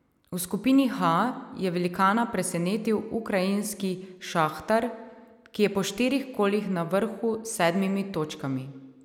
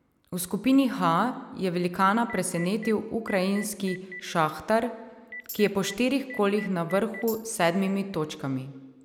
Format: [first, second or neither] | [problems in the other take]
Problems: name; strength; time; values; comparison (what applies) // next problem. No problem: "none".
first | background sound (Telephone + Tambourine); 17 dB below the speech